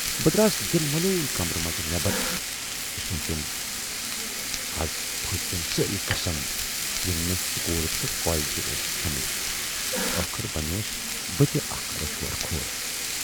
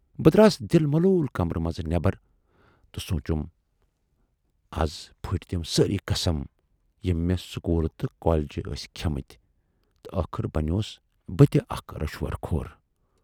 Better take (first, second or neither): second